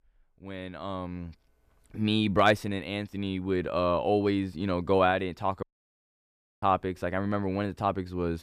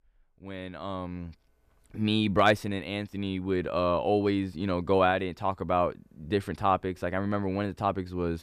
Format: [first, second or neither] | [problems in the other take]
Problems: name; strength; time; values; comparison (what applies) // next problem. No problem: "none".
second | audio cutting out; at 5.5 s for 1 s